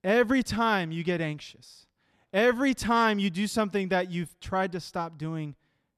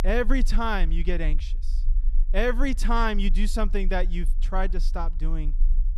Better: first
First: none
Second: low rumble; faint; throughout; 25 dB below the speech

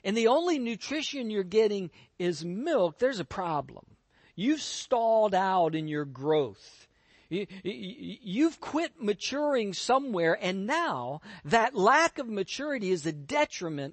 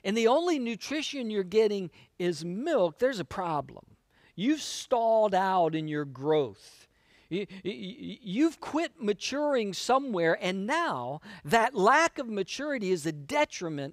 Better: second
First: garbled, watery; slightly; nothing above 8 kHz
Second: none

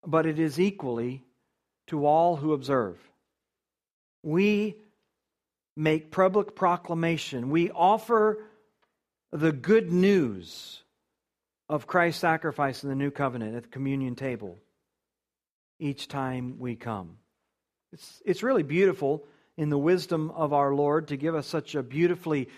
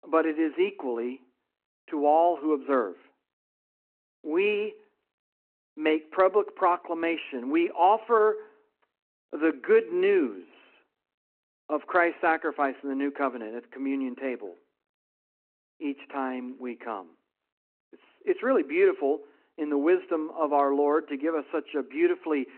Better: first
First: none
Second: phone-call audio

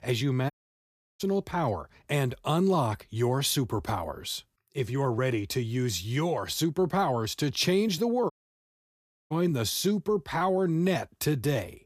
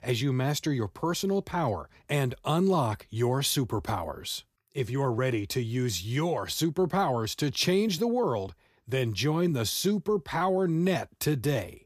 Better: second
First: audio cutting out; at 0.5 s for 0.5 s and at 8.5 s for 1 s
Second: none

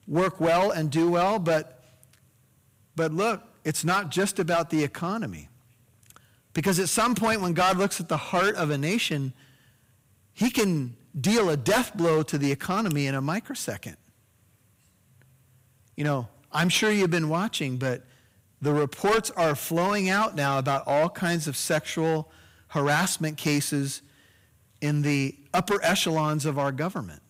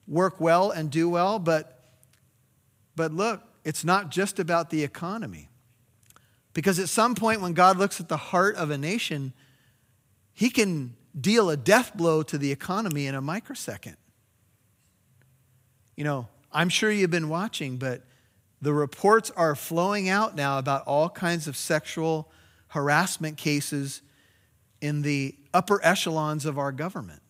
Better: second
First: distortion; heavy; 7% of the sound clipped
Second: none

